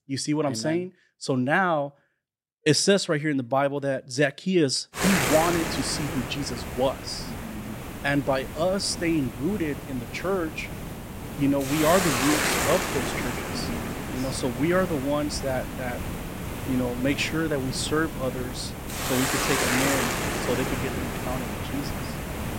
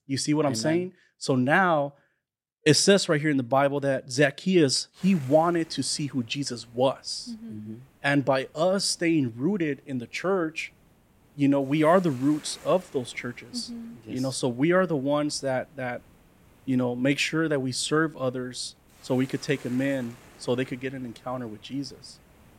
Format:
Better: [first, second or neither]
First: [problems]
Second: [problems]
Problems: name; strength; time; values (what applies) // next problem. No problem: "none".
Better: second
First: hiss; loud; from 5 s on; 3 dB below the speech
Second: hiss; faint; from 5 s on; 30 dB below the speech